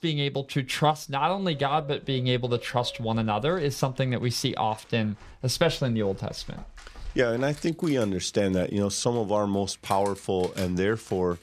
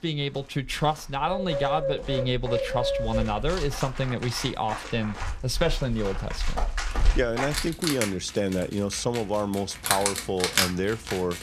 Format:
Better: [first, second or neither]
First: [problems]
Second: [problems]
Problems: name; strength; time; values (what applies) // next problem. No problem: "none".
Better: first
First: animal sounds; faint; throughout; 20 dB below the speech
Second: animal sounds; loud; throughout; 2 dB below the speech